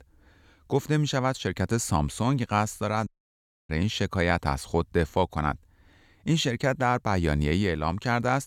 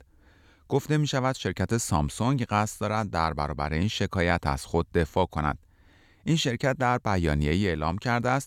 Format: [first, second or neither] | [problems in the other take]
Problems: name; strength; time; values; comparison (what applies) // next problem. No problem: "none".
second | audio cutting out; at 3 s for 0.5 s